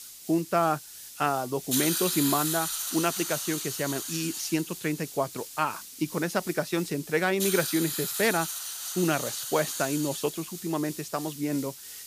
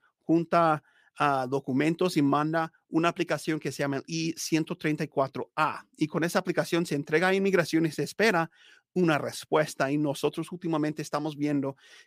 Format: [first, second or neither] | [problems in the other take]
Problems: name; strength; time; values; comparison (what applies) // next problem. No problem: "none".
second | hiss; loud; throughout; 3 dB below the speech